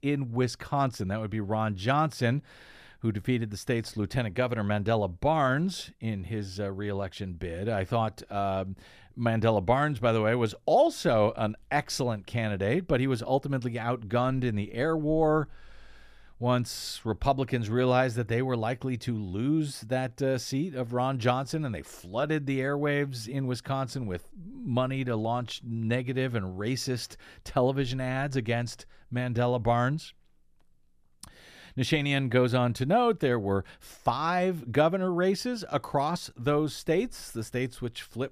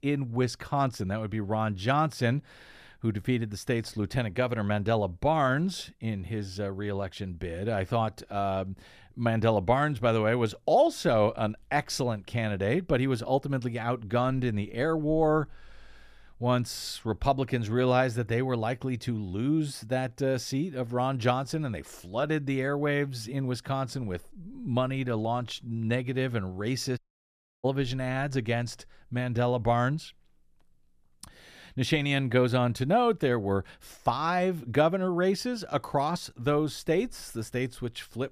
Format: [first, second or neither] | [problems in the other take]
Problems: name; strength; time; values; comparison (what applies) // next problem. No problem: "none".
first | audio cutting out; at 27 s for 0.5 s